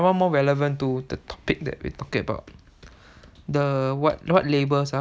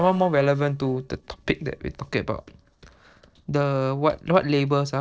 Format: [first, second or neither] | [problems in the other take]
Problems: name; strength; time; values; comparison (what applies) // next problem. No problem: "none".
first | noise reduction (neural separator model SepFormer DNS4)